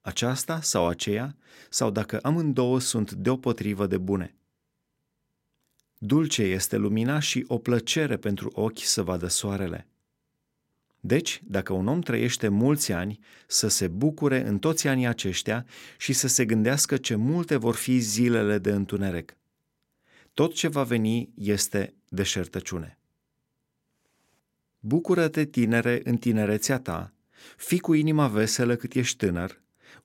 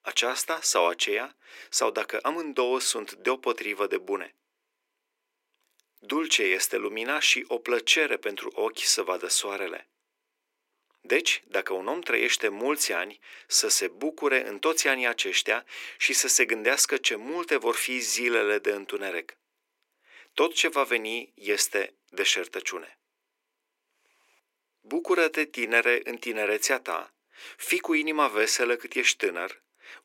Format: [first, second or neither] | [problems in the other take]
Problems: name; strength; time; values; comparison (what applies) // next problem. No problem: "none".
first | thin; very; fading below 350 Hz